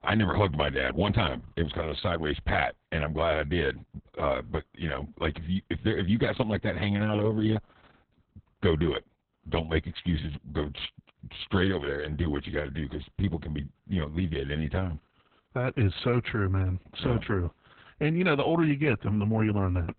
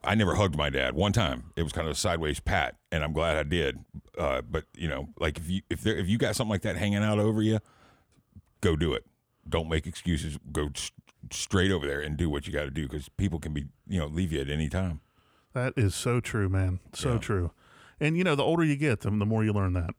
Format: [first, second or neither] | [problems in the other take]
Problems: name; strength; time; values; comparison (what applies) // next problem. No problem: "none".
second | garbled, watery; badly; nothing above 3.5 kHz